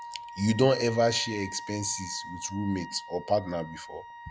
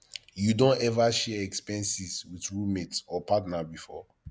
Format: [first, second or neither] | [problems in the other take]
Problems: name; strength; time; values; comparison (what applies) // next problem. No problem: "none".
second | background sound (Wind instrument, woodwind instrument); 13 dB below the speech